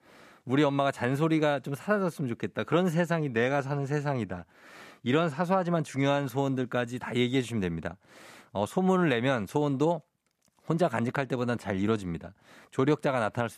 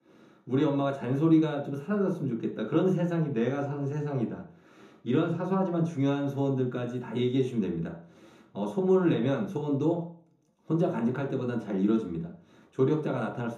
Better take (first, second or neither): first